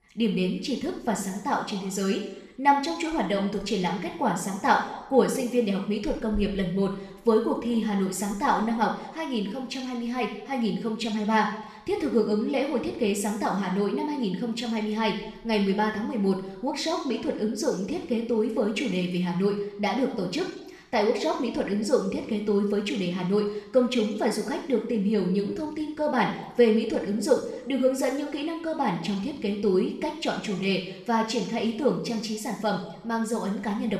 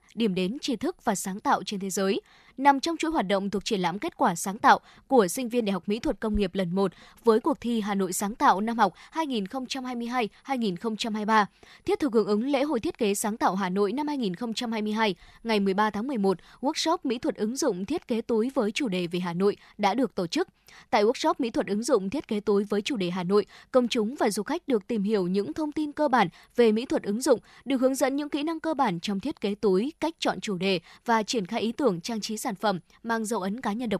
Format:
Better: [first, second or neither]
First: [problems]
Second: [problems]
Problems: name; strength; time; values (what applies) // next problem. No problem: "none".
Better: second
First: room echo; noticeable; dies away in 0.8 s // off-mic speech; somewhat distant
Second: none